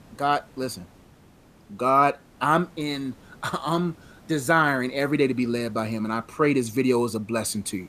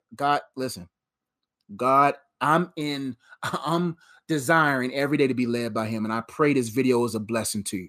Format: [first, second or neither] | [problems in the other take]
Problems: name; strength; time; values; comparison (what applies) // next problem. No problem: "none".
second | hiss; faint; throughout; 25 dB below the speech